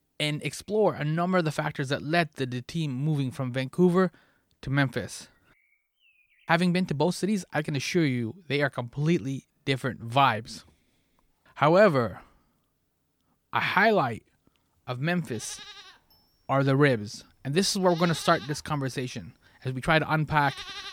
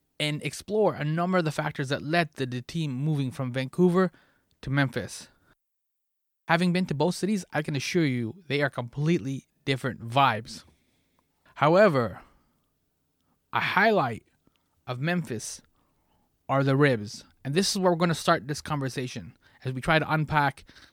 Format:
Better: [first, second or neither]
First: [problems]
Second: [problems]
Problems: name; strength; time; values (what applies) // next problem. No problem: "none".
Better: second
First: animal sounds; noticeable; throughout; 15 dB below the speech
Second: none